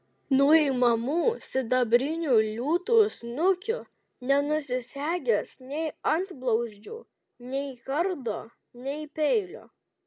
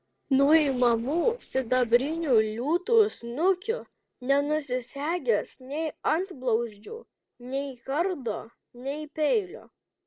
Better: first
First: none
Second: noise reduction (neural separator model SepFormer DNS4)

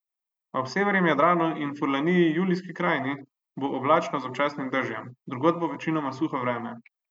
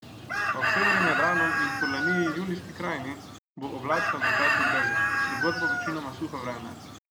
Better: first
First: none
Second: background sound (Chicken, rooster); 4 dB above the speech

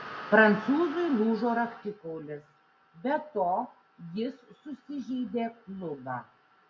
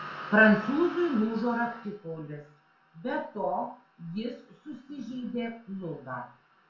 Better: first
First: none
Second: room echo; dies away in 0.3 s

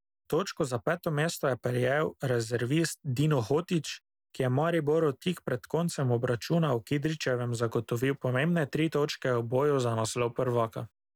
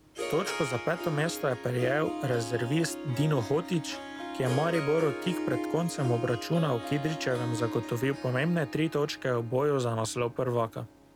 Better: first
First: none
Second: background sound (Harp); 8 dB below the speech

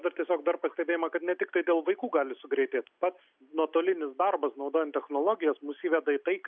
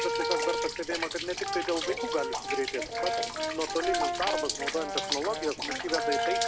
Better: first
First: none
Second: background sound (Rain + Brass instrument); 2 dB above the speech

